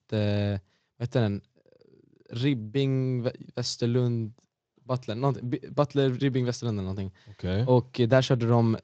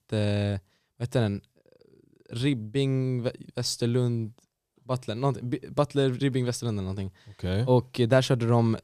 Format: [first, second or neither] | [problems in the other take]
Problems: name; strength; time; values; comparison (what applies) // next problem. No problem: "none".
second | garbled, watery; slightly; nothing above 7.5 kHz